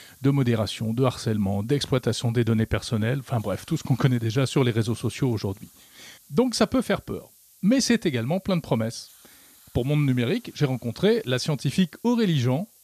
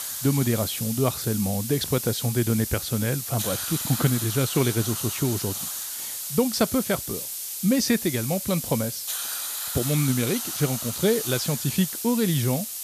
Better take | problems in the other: first | hiss; loud; throughout; 4 dB below the speech; faint in the first

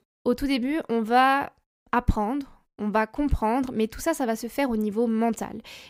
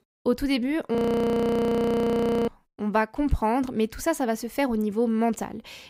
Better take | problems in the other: first | audio freezing; at 1 s for 1.5 s

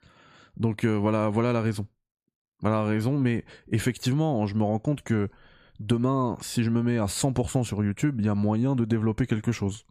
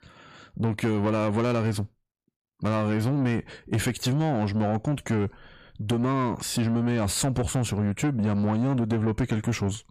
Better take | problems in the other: first | distortion; slight; 10 dB below the speech

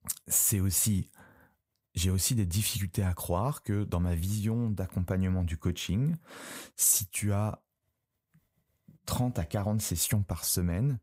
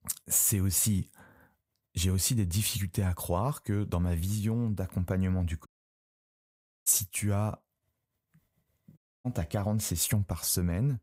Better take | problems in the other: first | audio cutting out; at 5.5 s for 1 s and at 9 s

